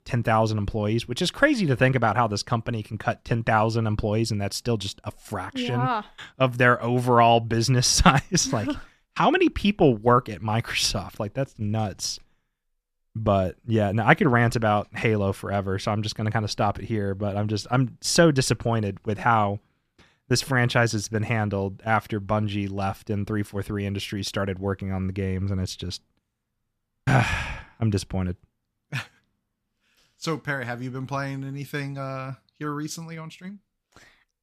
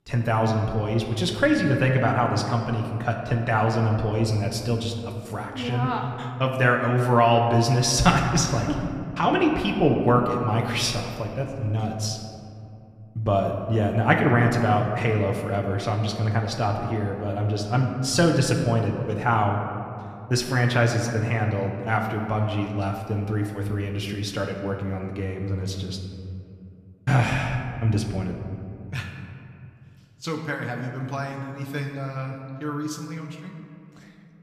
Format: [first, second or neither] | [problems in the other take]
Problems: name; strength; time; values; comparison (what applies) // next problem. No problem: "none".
first | room echo; slight; dies away in 2.1 s